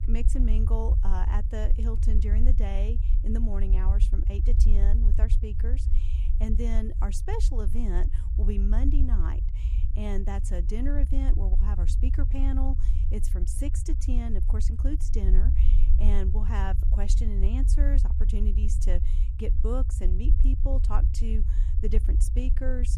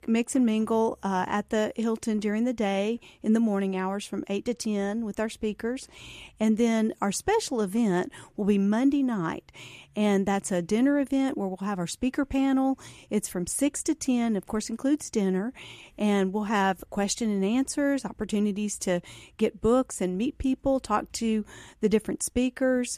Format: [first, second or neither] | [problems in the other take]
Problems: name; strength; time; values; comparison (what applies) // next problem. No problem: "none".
second | low rumble; loud; throughout; 7 dB below the speech